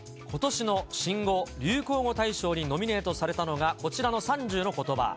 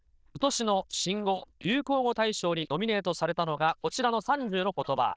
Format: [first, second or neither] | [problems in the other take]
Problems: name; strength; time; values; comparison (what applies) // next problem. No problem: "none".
first | noise reduction (neural diffusion model UNIVERSE++)